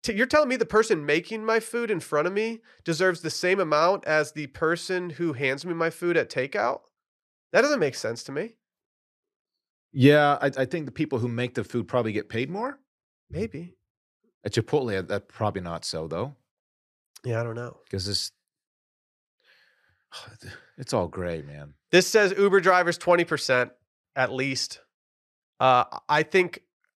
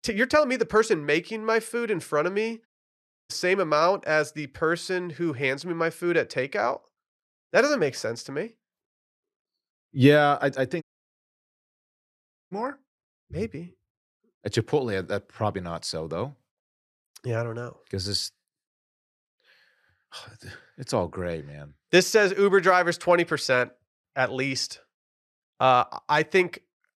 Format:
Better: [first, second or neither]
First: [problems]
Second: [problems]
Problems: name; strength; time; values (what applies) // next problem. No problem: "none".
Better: first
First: none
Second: audio cutting out; at 2.5 s for 0.5 s and at 11 s for 1.5 s